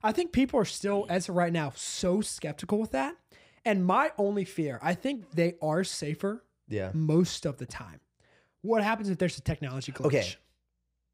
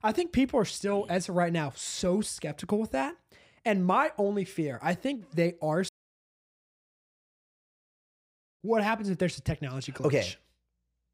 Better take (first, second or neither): first